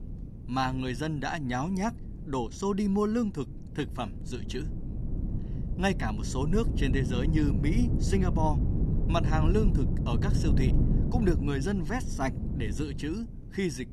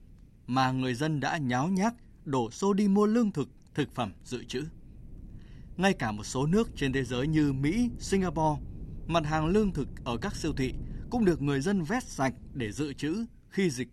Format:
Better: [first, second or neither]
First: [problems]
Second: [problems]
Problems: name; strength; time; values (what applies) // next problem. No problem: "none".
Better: second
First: wind noise on the microphone; heavy; 7 dB below the speech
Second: wind noise on the microphone; occasional gusts; 25 dB below the speech